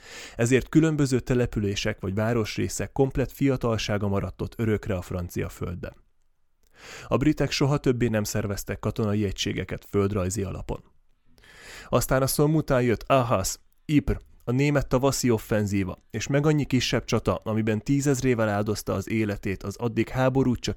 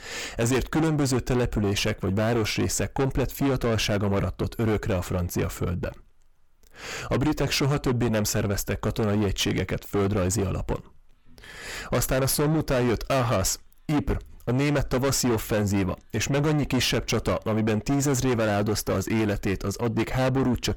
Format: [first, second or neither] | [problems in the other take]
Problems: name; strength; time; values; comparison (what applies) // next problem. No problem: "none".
first | distortion; heavy; 6 dB below the speech